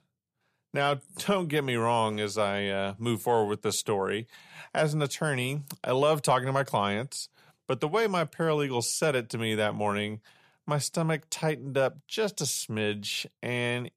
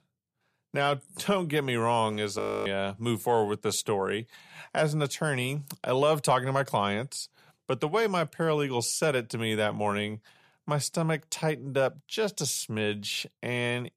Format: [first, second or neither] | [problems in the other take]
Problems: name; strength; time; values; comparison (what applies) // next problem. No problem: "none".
first | audio freezing; at 2.5 s